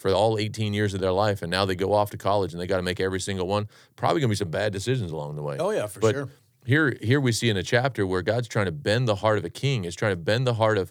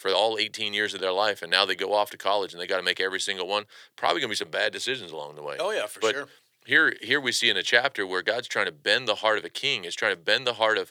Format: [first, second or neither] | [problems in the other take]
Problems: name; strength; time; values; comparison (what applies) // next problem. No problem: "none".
first | thin; very; fading below 400 Hz